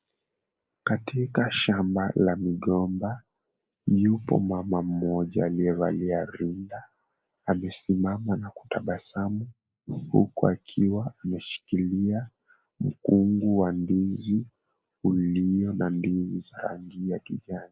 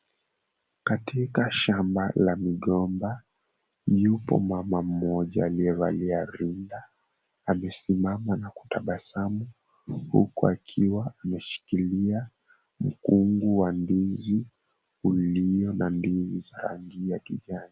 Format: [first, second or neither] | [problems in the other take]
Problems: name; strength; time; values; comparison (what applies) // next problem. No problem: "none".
second | noise reduction (neural mask model Resemble Enhance denoiser)